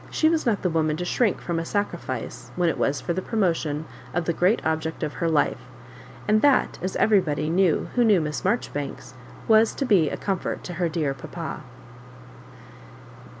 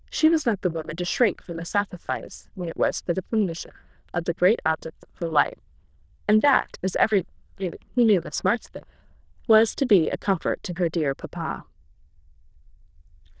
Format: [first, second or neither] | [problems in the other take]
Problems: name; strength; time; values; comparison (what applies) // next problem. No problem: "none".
first | noise reduction (neural diffusion model UNIVERSE++)